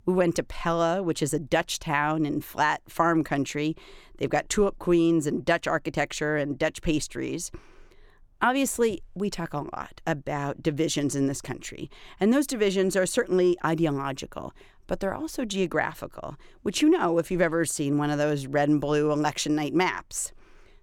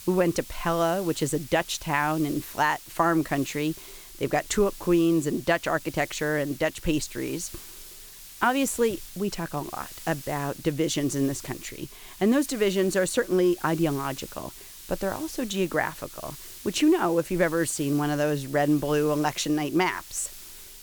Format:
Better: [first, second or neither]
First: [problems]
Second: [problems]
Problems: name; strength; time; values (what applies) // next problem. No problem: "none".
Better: first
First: none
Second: hiss; noticeable; throughout; 15 dB below the speech